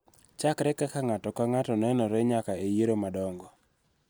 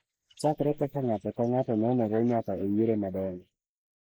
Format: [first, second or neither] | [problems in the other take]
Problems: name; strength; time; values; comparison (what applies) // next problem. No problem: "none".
first | noise reduction (neural mask model Resemble Enhance denoiser)